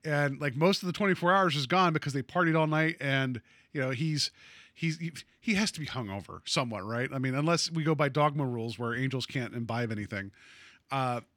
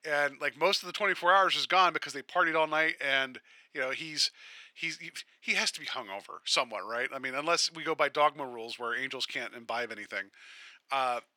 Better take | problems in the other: first | thin; very; fading below 600 Hz

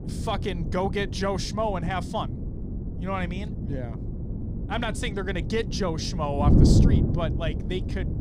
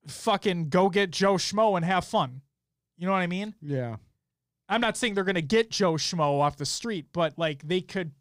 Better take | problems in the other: second | wind noise on the microphone; heavy; 6 dB below the speech

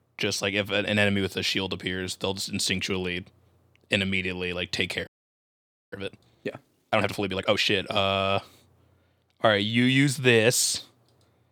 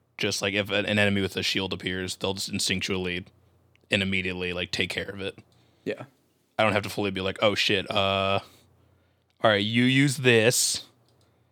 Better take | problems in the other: second | audio freezing; at 5 s for 1 s

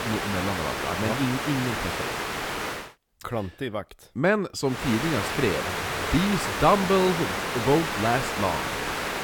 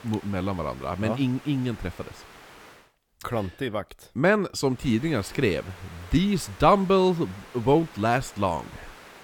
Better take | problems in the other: second | hiss; loud; until 3 s and from 5 s on; 2 dB below the speech; faint in the second

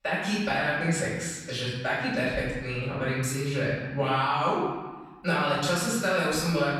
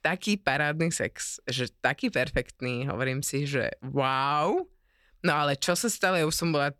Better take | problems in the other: second | room echo; strong; dies away in 1.2 s // off-mic speech; far

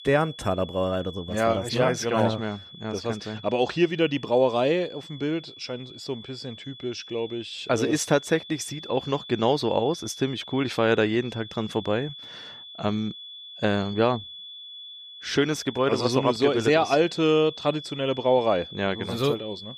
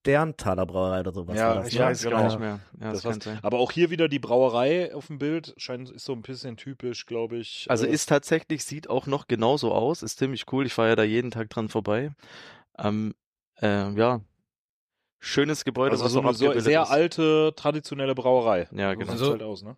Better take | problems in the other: second | high-pitched whine; noticeable; throughout; 3.5 kHz, 15 dB below the speech

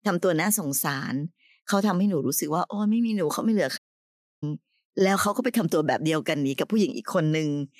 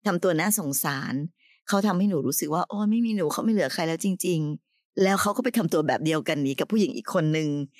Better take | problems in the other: second | audio cutting out; at 4 s for 0.5 s

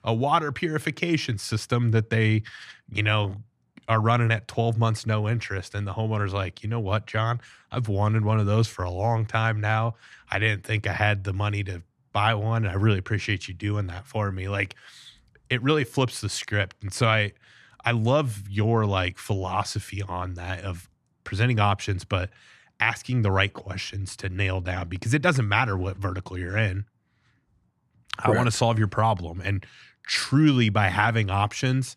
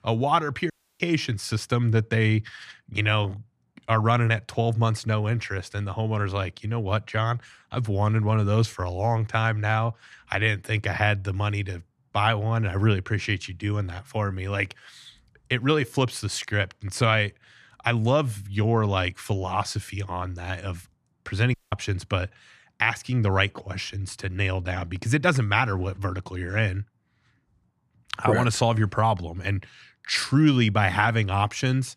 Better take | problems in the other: first | audio cutting out; at 0.5 s and at 22 s

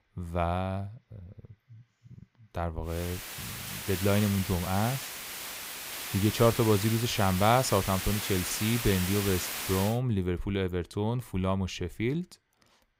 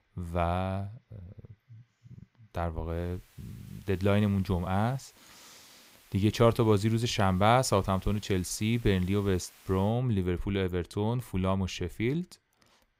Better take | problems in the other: second | hiss; loud; from 3 to 10 s; 6 dB below the speech; faint in the second

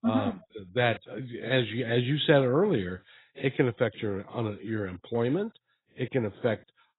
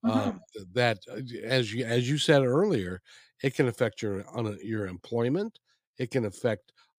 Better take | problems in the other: second | garbled, watery; badly; nothing above 4 kHz

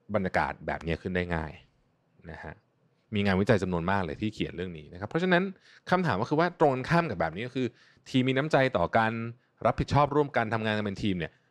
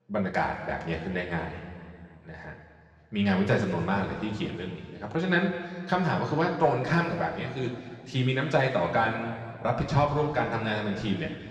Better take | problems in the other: first | room echo; noticeable; dies away in 2.1 s // off-mic speech; far

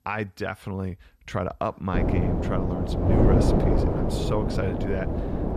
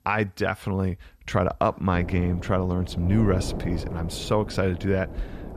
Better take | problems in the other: second | wind noise on the microphone; heavy; from 2 s on; 3 dB above the speech; occasional gusts in the second

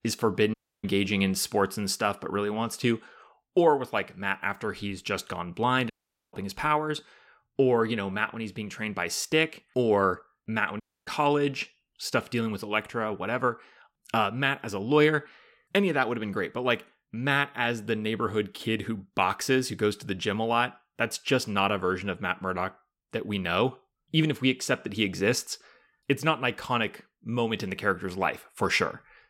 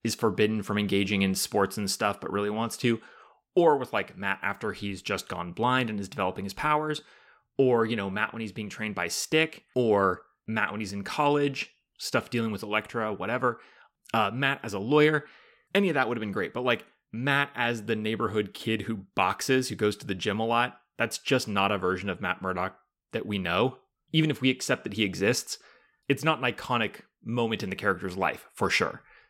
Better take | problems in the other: second | audio cutting out; at 0.5 s, at 6 s and at 11 s

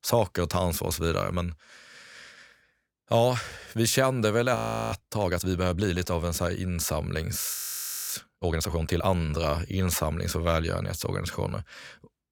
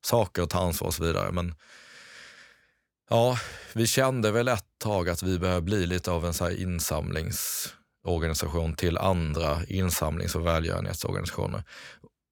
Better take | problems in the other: second | audio freezing; at 4.5 s and at 7.5 s for 0.5 s

